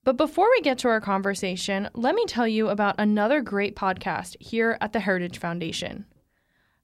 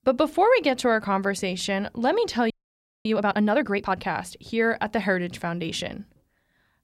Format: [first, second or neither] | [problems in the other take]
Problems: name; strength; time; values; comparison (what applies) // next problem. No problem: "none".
first | audio freezing; at 2.5 s for 0.5 s